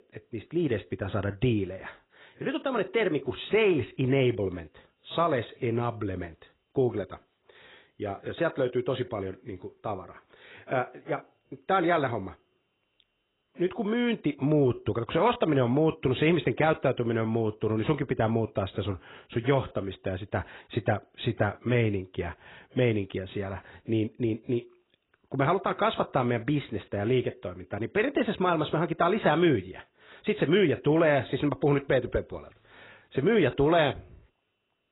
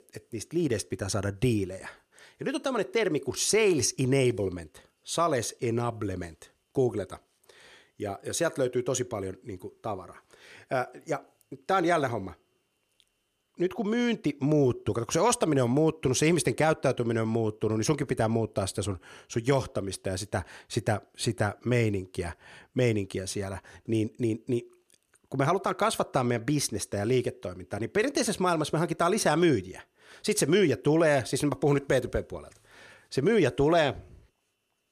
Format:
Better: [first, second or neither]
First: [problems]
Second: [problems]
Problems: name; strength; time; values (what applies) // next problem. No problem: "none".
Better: second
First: garbled, watery; badly; nothing above 4 kHz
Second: none